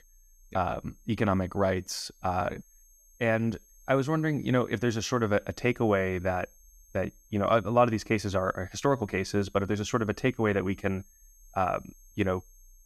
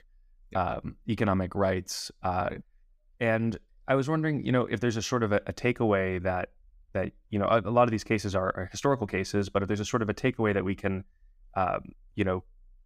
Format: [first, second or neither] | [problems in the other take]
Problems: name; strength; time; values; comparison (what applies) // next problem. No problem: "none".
second | high-pitched whine; faint; throughout; 6.5 kHz, 30 dB below the speech